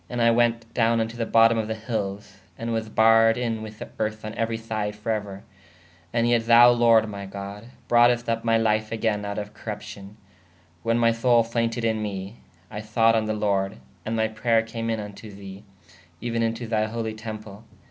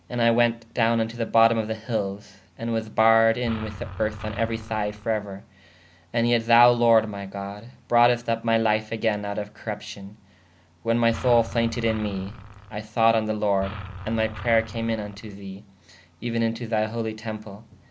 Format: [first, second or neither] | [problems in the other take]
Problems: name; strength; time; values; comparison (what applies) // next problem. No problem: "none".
first | background sound (Engine); 12 dB below the speech